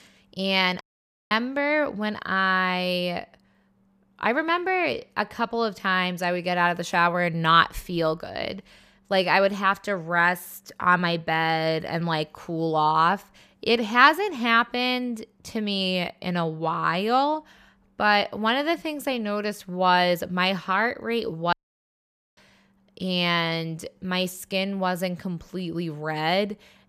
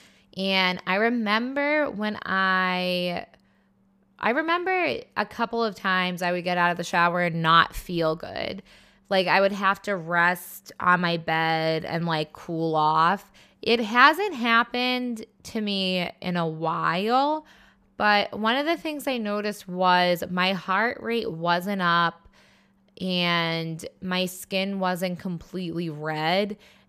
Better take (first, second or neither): second